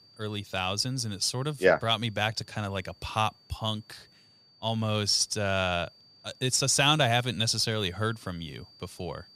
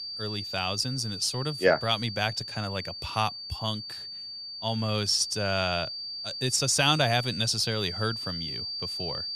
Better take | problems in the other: first | high-pitched whine; loud; throughout; 4.5 kHz, 7 dB below the speech; faint in the first

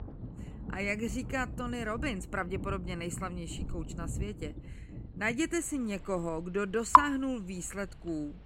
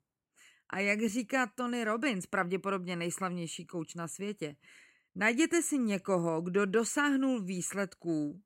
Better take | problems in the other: second | rain or running water; very loud; throughout; 2 dB above the speech

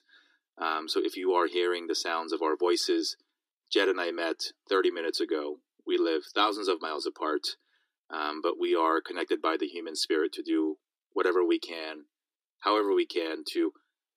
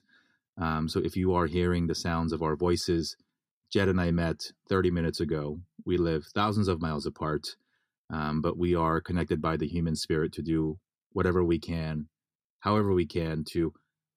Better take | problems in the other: second | thin; very; fading below 300 Hz

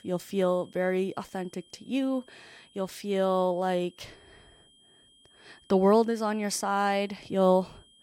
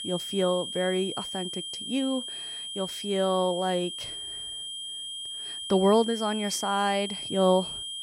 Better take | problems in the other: first | high-pitched whine; loud; throughout; 3 kHz, 6 dB below the speech; faint in the first

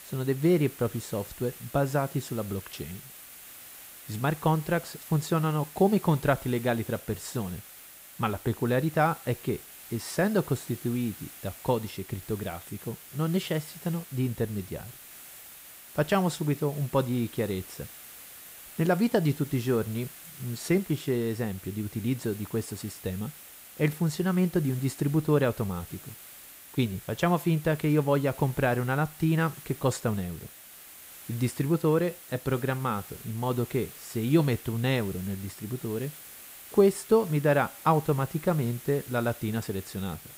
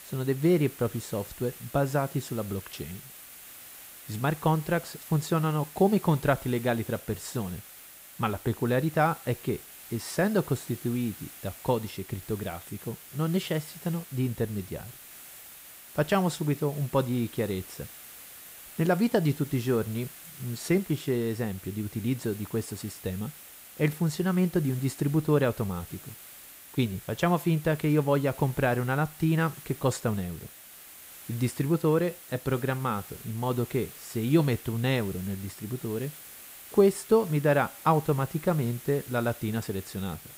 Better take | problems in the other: neither | hiss; noticeable; throughout; 15 dB below the speech; the same in both

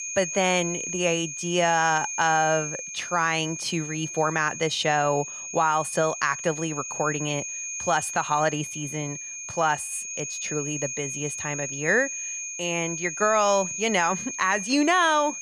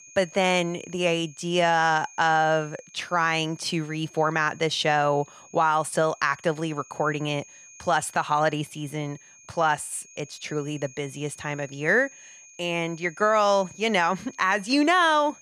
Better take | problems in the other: second | high-pitched whine; loud; throughout; 6.5 kHz, 6 dB below the speech; faint in the second

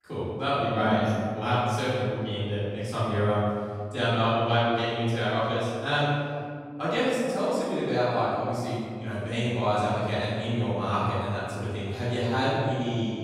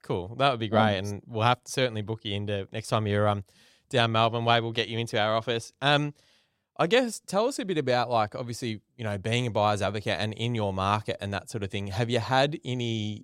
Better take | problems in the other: second | off-mic speech; far // room echo; strong; dies away in 2.1 s

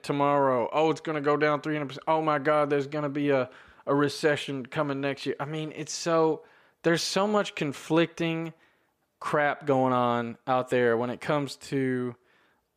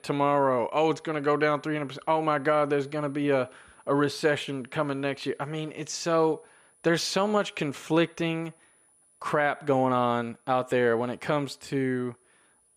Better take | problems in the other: first | high-pitched whine; faint; throughout; 10 kHz, 35 dB below the speech

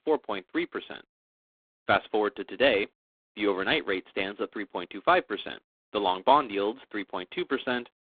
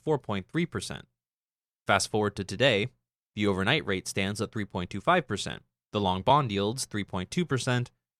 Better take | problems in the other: second | phone-call audio; poor line; nothing above 3.5 kHz

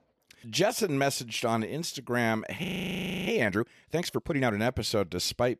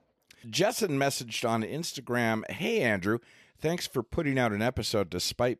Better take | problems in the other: second | audio freezing; at 2.5 s for 0.5 s

